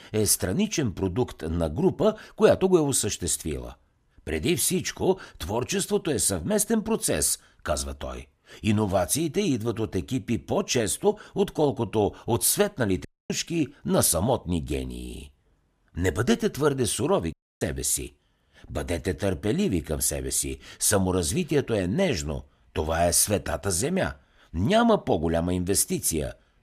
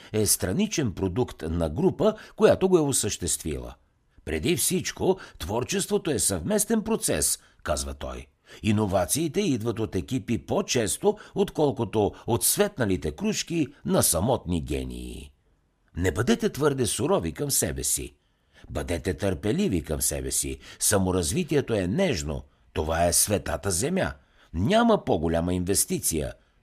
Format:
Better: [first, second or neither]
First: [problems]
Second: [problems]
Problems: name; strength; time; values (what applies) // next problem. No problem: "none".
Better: second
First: audio cutting out; at 13 s and at 17 s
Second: none